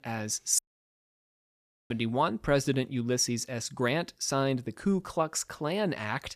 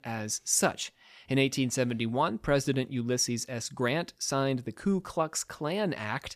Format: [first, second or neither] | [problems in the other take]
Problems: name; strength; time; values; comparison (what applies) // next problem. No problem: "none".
second | audio cutting out; at 0.5 s for 1.5 s